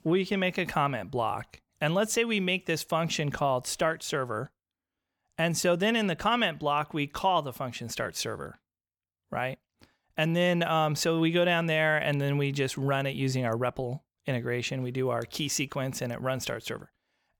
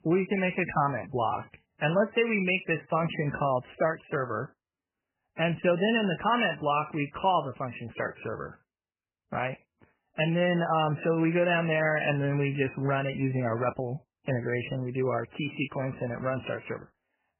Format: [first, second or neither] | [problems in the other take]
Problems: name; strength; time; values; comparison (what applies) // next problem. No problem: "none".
first | garbled, watery; badly; nothing above 3 kHz